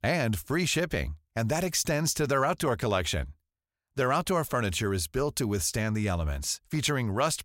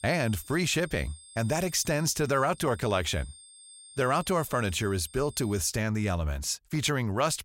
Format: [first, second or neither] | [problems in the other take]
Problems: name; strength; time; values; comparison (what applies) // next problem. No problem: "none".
first | high-pitched whine; faint; until 5.5 s; 8.5 kHz, 20 dB below the speech